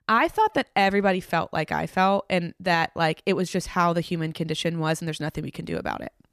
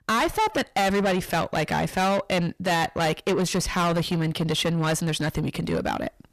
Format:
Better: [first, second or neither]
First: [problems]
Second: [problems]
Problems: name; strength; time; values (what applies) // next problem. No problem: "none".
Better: first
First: none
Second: distortion; heavy; 6 dB below the speech